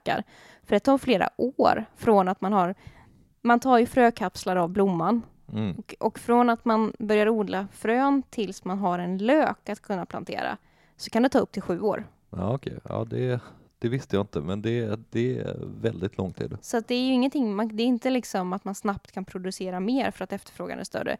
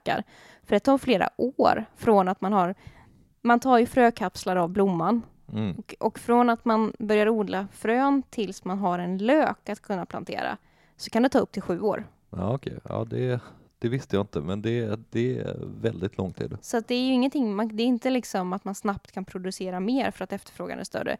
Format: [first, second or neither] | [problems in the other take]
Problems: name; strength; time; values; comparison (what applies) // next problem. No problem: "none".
neither | none